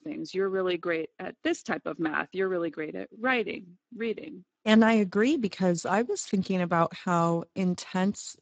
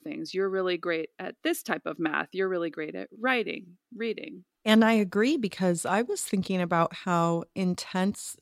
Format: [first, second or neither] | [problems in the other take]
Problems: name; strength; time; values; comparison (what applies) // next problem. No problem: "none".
second | garbled, watery; badly; nothing above 7.5 kHz